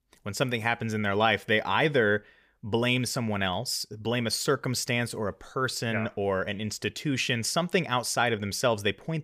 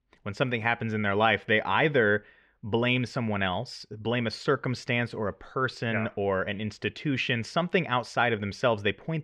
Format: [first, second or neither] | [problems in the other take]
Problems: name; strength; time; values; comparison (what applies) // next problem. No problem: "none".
first | muffled; slightly; fading above 2.5 kHz